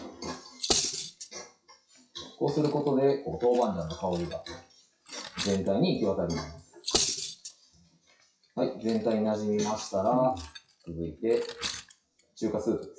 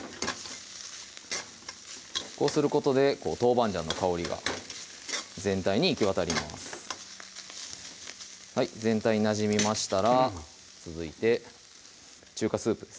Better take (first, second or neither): second